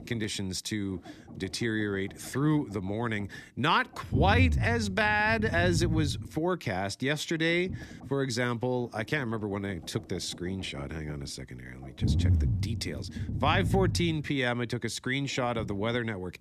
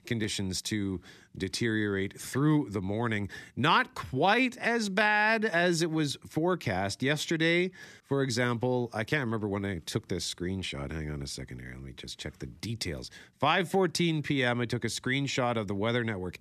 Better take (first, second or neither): second